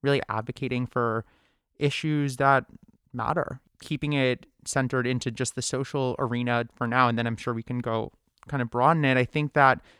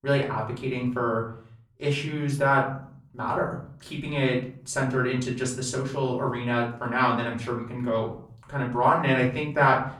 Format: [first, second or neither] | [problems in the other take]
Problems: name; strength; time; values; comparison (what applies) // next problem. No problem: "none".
first | off-mic speech; far // room echo; slight; dies away in 0.5 s